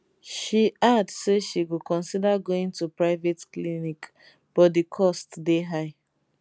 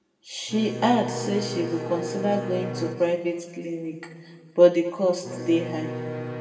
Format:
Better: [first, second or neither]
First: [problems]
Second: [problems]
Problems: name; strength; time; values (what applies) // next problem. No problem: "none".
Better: first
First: none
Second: background sound (Bowed string instrument); 9 dB below the speech // room echo; dies away in 1.8 s